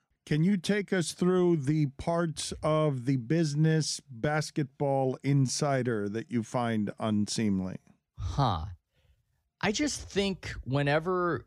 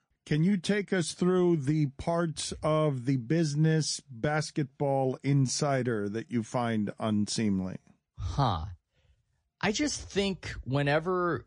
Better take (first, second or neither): first